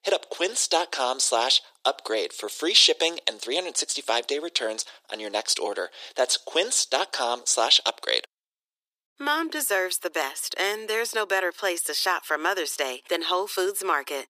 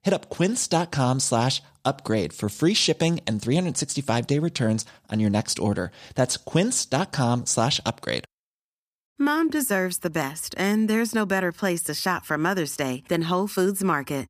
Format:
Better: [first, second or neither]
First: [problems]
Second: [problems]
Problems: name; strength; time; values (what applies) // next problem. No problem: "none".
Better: second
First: thin; very; fading below 400 Hz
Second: none